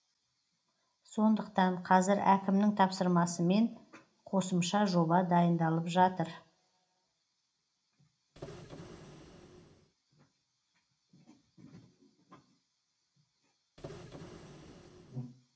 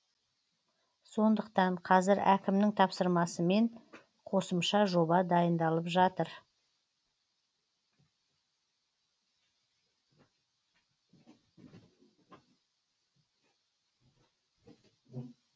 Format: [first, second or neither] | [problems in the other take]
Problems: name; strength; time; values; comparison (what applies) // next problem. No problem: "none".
second | background sound (Printer); 17 dB below the speech // room echo; dies away in 0.4 s